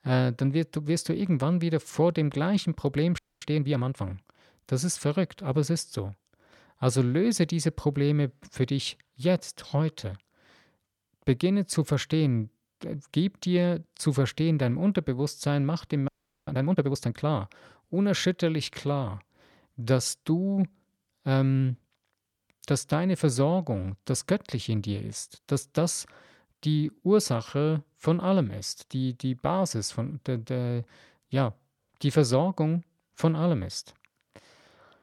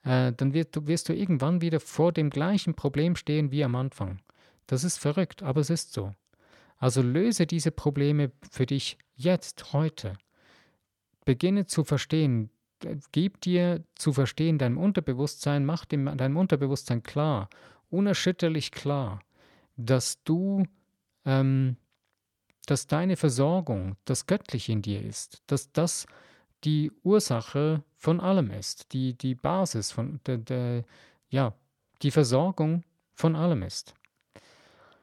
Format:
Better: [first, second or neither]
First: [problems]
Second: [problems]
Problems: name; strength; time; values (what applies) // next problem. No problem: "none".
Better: second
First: audio freezing; at 3 s and at 16 s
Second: none